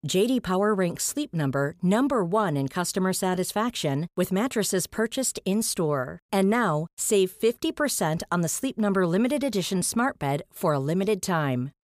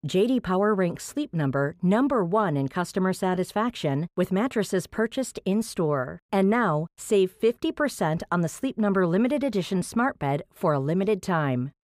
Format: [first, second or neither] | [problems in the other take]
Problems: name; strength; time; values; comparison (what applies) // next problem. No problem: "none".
first | muffled; slightly; fading above 3.5 kHz